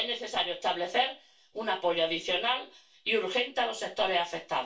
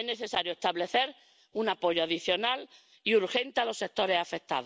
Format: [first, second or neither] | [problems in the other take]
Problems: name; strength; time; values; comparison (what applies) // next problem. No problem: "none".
second | room echo; dies away in 0.2 s